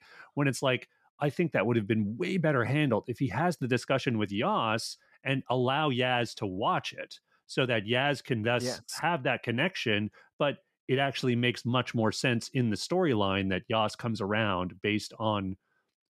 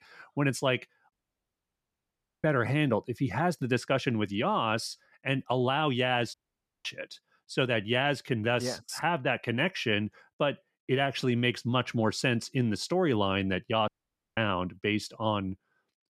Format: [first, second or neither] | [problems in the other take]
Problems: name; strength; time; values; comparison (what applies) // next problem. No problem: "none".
first | audio cutting out; at 1 s for 1.5 s, at 6.5 s for 0.5 s and at 14 s